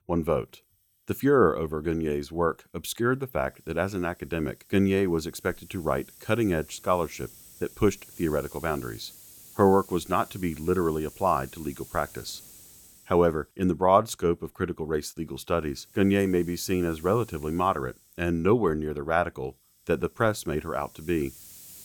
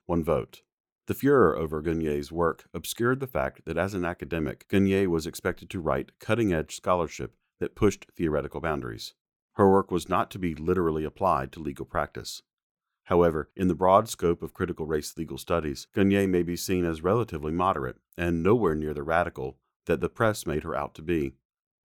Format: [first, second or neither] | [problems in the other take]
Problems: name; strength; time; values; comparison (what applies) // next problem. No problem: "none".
second | hiss; faint; throughout; 20 dB below the speech